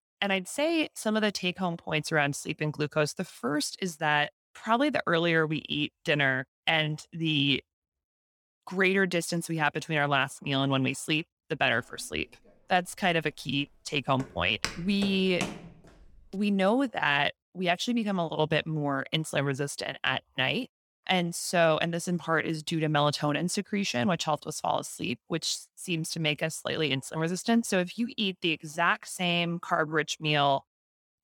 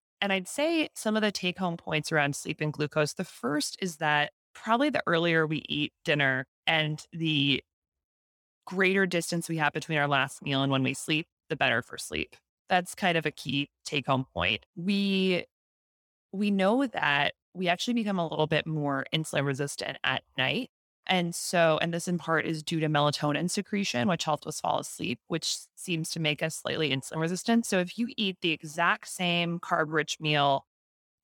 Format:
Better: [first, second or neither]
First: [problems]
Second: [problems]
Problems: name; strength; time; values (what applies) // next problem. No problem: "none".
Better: second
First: footsteps; noticeable; from 14 to 16 s; peak 7 dB below the speech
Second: none